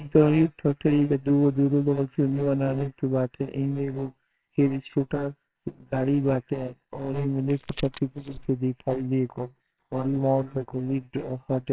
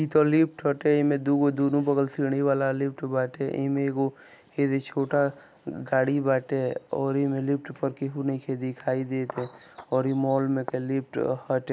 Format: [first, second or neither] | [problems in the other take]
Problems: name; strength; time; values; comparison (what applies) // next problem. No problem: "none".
second | noise reduction (neural separator model SepFormer WHAMR!)